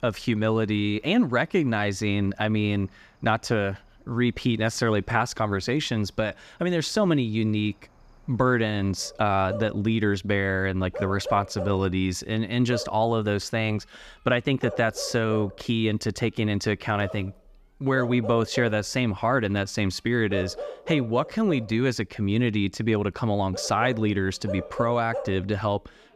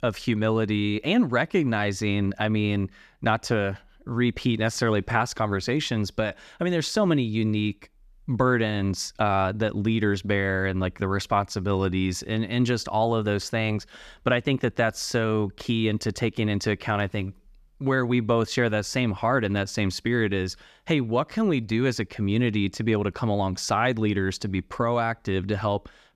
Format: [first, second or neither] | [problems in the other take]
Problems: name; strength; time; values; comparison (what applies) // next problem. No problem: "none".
second | animal sounds; noticeable; throughout; 10 dB below the speech